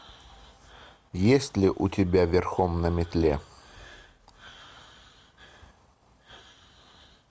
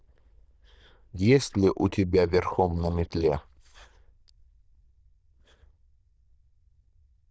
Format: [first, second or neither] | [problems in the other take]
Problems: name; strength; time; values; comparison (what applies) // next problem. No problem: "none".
first | noise reduction (neural diffusion model UNIVERSE++)